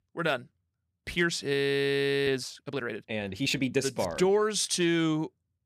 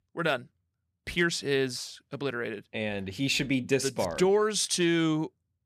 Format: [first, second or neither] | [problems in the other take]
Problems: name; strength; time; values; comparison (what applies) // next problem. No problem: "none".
second | audio freezing; at 1.5 s for 0.5 s